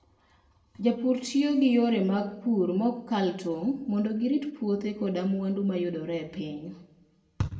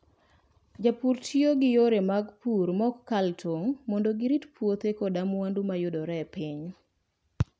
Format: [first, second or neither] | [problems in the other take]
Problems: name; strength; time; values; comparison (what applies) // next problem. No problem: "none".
second | room echo; dies away in 0.6 s